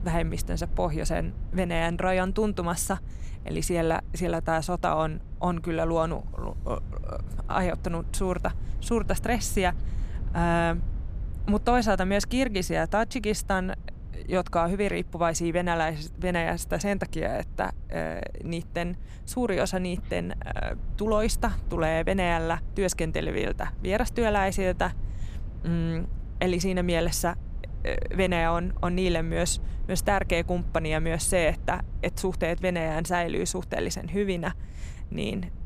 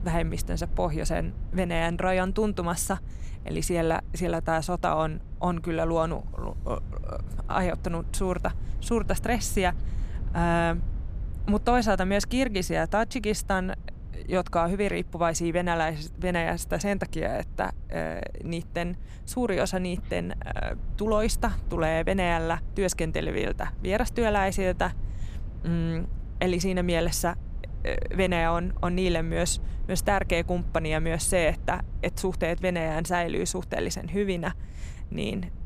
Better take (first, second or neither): neither